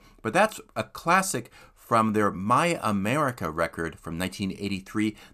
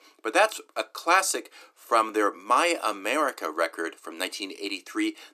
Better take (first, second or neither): first